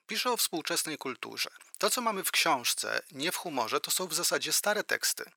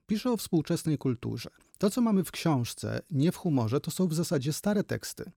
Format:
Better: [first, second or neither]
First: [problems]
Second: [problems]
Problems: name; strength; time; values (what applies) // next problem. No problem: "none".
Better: second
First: thin; very; fading below 900 Hz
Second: none